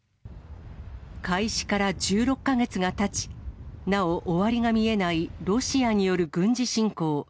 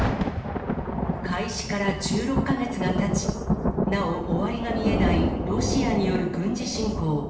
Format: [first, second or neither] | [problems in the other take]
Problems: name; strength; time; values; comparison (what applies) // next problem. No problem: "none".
first | background sound (Thunder); 1 dB above the speech // room echo; dies away in 0.8 s